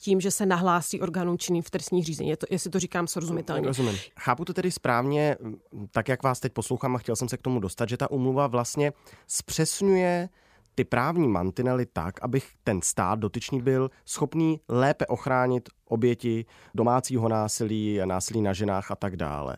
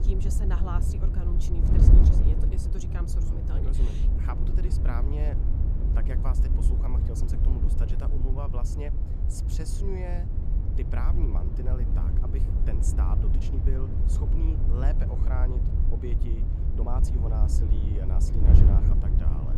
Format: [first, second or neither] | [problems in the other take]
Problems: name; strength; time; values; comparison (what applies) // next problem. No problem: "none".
first | wind noise on the microphone; heavy; as loud as the speech